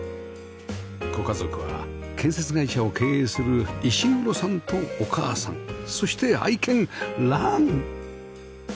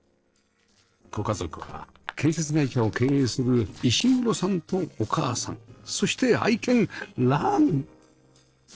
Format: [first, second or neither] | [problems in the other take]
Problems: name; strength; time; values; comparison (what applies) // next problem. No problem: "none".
first | noise reduction (neural separator model SepFormer DNS4)